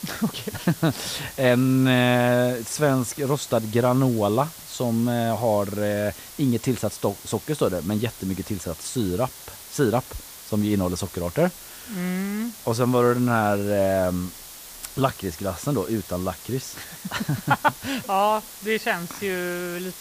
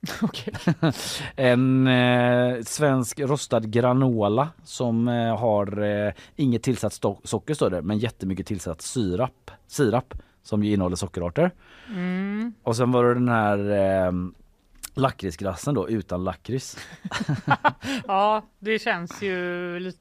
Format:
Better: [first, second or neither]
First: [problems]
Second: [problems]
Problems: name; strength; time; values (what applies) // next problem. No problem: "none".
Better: second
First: hiss; noticeable; throughout; 15 dB below the speech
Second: none